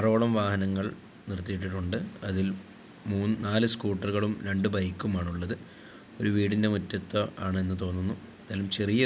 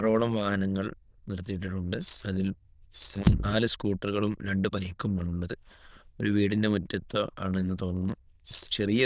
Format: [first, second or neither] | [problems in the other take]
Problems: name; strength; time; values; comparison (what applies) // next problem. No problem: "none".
first | noise reduction (neural diffusion model UNIVERSE++)